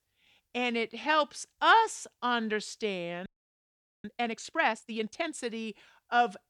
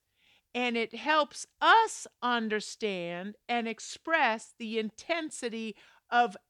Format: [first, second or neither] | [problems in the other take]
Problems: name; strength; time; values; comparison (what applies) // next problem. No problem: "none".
second | audio freezing; at 3.5 s for 1 s